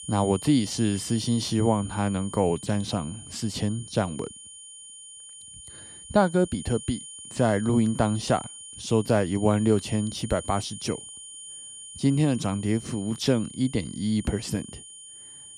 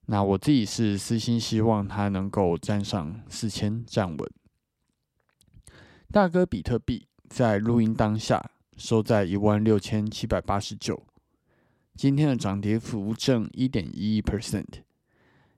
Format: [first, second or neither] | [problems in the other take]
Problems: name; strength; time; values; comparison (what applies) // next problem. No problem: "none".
second | high-pitched whine; noticeable; throughout; 9.5 kHz, 15 dB below the speech